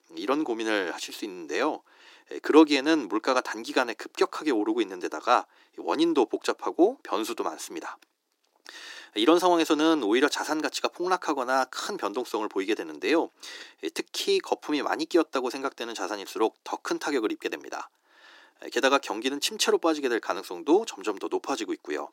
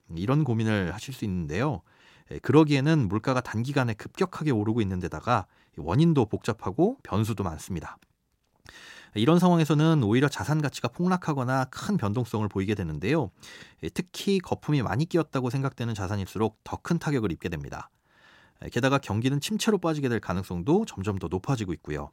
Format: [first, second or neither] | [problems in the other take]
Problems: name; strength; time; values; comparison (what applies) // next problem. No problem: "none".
second | thin; somewhat; fading below 300 Hz